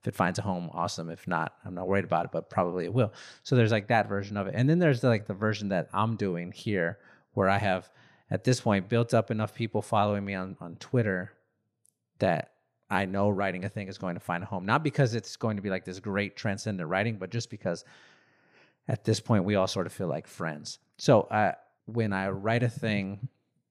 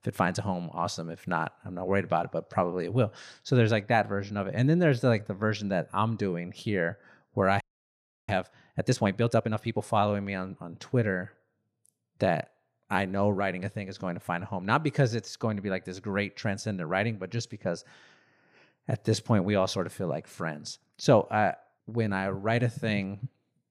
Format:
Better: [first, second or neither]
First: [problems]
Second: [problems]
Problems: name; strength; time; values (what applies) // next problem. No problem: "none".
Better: first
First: none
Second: audio freezing; at 7.5 s for 0.5 s